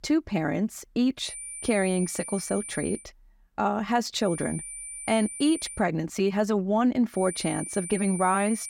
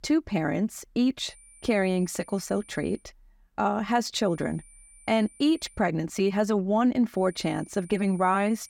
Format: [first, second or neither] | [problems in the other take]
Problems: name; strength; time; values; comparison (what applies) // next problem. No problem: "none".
second | high-pitched whine; loud; from 1.5 to 3 s, from 4.5 to 6 s and from 7 s on; 9 kHz, 9 dB below the speech; faint in the second